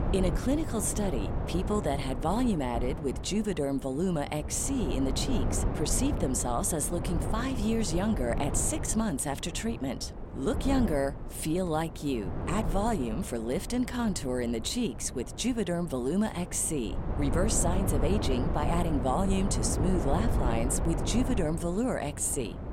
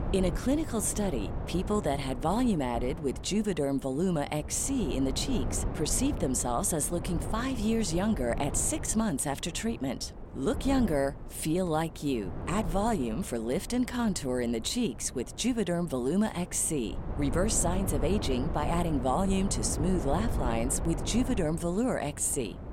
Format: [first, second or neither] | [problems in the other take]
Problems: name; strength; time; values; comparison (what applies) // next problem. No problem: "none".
second | wind noise on the microphone; heavy; 8 dB below the speech; occasional gusts in the second